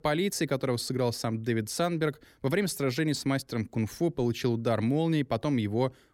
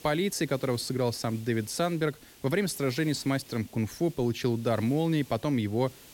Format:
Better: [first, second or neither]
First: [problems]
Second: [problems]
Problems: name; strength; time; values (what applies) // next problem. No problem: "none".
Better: first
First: none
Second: hiss; faint; throughout; 20 dB below the speech